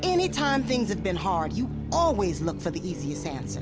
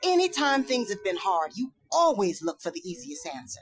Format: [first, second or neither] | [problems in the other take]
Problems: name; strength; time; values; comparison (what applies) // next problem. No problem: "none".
first | noise reduction (classical method Wiener filter)